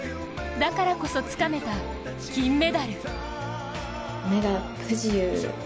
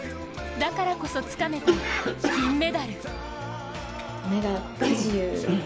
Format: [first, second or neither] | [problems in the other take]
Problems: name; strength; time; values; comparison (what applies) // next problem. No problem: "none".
first | background sound (Cough); 2 dB below the speech